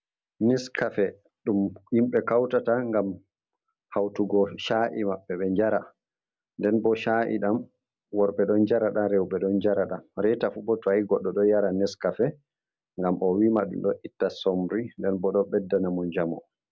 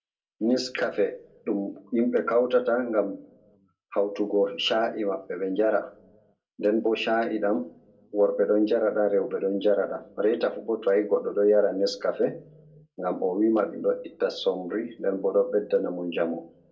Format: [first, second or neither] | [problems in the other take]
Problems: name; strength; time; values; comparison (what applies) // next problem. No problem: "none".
first | room echo; dies away in 0.2 s